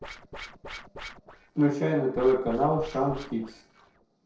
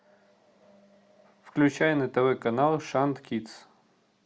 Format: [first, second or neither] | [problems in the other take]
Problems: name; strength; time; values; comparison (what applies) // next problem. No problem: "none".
second | noise reduction (neural separator model SepFormer DNS4)